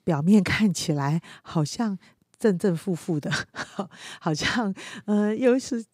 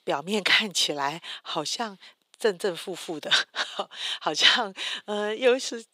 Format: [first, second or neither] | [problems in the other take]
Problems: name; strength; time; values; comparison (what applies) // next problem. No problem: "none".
first | thin; very; fading below 550 Hz